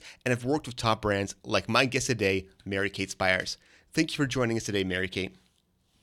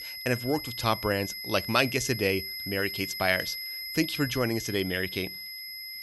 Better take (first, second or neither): first